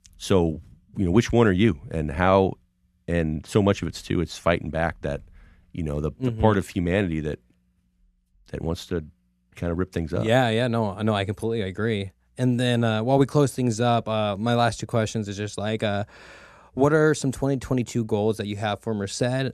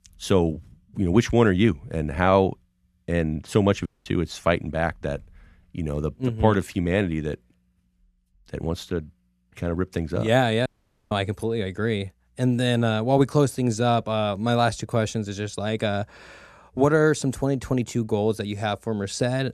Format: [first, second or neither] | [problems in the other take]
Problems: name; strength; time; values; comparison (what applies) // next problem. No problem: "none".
first | audio cutting out; at 4 s and at 11 s